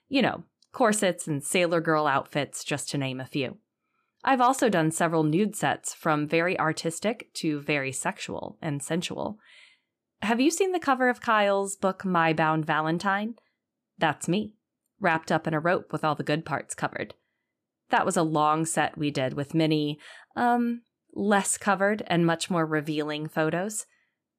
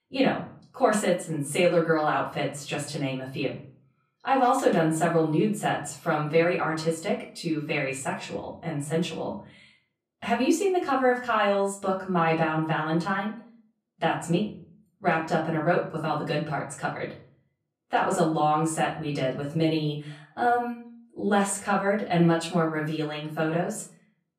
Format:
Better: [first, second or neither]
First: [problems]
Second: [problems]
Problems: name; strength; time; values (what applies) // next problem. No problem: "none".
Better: first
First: none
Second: off-mic speech; far // room echo; slight; dies away in 0.4 s